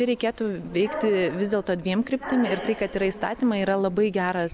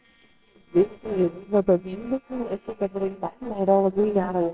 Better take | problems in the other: first | noise reduction (neural separator model SepFormer WHAMR!)

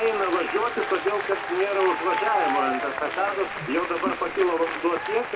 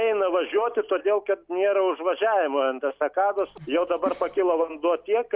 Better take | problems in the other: second | background sound (Applause); 4 dB below the speech // room echo; dies away in 1.9 s

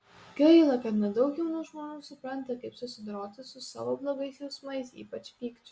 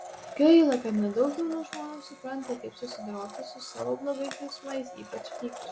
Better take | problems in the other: first | background sound (Crack + Domestic sounds, home sounds); 14 dB below the speech

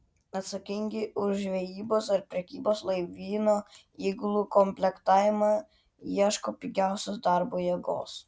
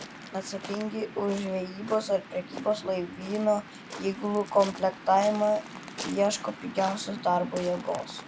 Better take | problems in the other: first | background sound (Waves, surf); 13 dB below the speech

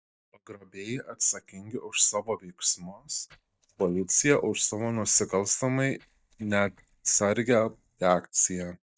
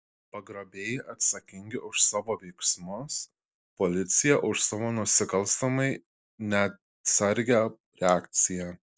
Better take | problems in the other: second | noise reduction (neural mask model DeepFilterNet 3)

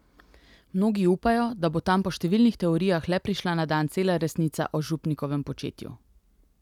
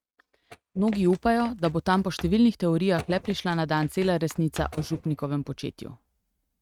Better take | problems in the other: first | noise reduction (neural mask model RNNoise)

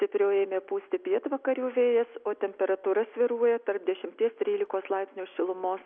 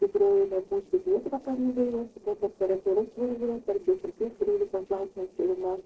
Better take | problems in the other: first | noise reduction (neural separator model SepFormer DNS4)

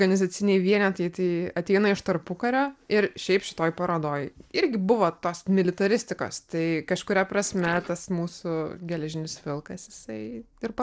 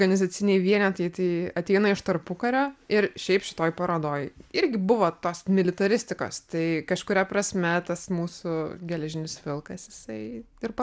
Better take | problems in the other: second | noise reduction (neural separator model SepFormer DNS4)

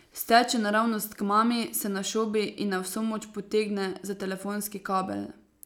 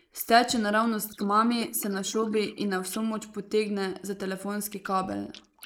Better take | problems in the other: first | noise reduction (neural mask model Resemble Enhance denoiser)

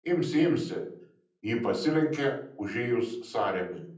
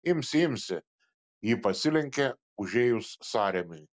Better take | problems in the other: second | room echo; dies away in 0.6 s

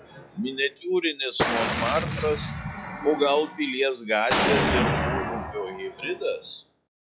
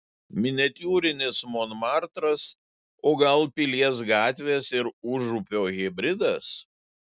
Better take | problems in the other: second | noise reduction (classical method log-MMSE)

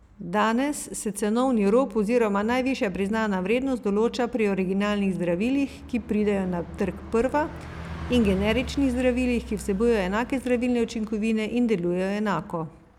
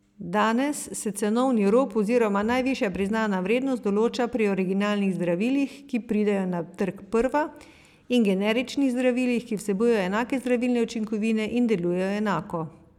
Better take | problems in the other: second | background sound (Bus); 16 dB below the speech

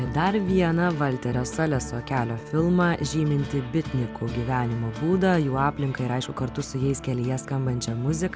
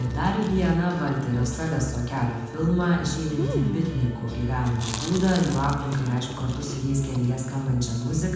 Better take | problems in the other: first | background sound (Chewing, mastication); 14 dB below the speech // room echo; dies away in 1 s

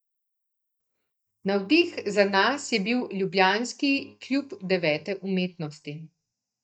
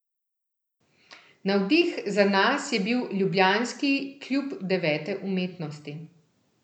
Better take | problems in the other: second | noise reduction (neural mask model DeepFilterNet 3)

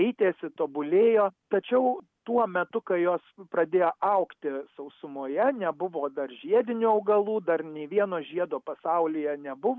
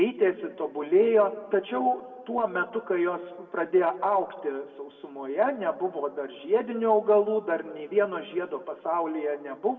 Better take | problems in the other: first | room echo; dies away in 1 s

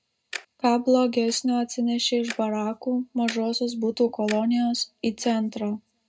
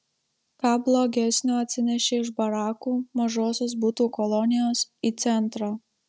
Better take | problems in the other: second | background sound (Tick-tock); 19 dB below the speech // room echo; dies away in 0.2 s

